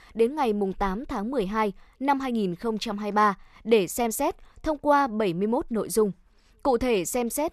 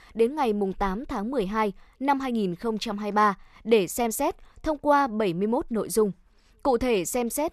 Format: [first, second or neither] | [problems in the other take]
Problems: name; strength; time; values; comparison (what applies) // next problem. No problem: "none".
neither | none